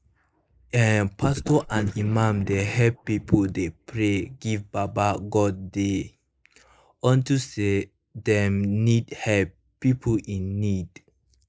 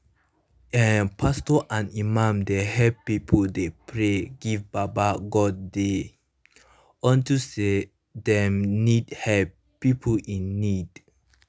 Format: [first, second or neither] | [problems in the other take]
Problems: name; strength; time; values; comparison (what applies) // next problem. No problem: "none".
second | noise reduction (neural mask model Resemble Enhance denoiser)